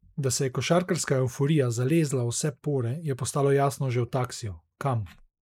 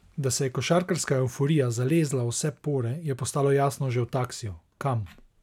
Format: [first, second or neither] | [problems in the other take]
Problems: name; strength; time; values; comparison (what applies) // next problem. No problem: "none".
second | noise reduction (neural mask model Resemble Enhance denoiser)